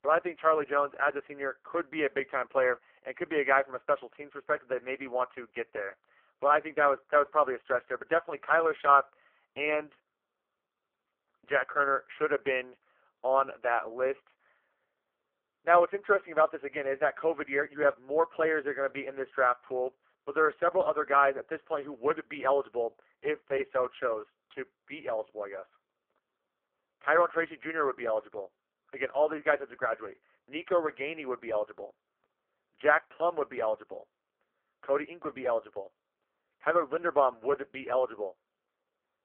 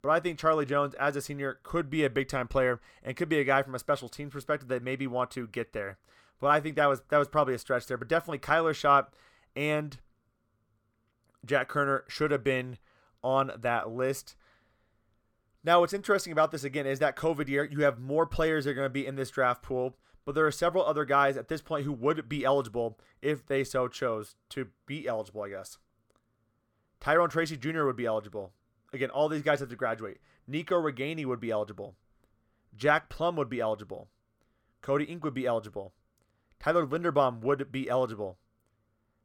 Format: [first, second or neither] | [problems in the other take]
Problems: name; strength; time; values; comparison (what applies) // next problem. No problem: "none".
second | phone-call audio; poor line